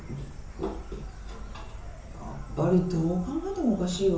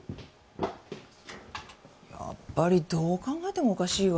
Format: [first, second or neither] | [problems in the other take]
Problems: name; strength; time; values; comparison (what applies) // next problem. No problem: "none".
second | background sound (Insect); 10 dB below the speech // room echo; dies away in 0.7 s